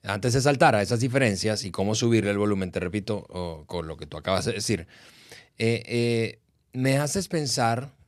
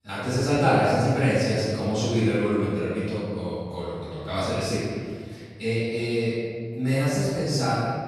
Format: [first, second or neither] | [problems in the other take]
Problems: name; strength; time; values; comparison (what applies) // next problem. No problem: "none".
first | off-mic speech; far // room echo; strong; dies away in 1.8 s